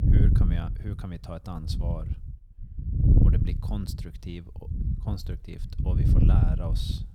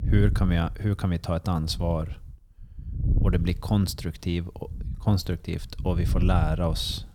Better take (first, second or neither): second